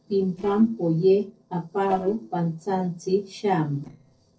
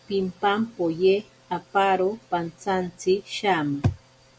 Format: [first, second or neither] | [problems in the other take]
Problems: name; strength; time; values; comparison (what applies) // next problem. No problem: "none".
second | noise reduction (neural separator model SepFormer DNS4)